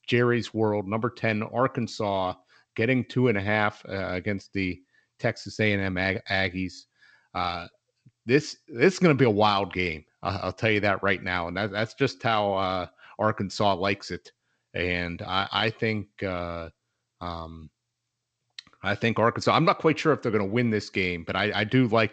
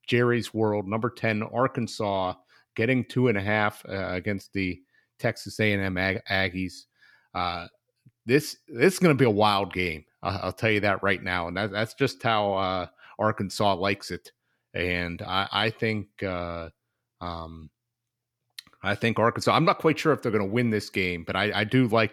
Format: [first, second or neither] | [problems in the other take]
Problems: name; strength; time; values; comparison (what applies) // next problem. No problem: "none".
second | garbled, watery; slightly; nothing above 7.5 kHz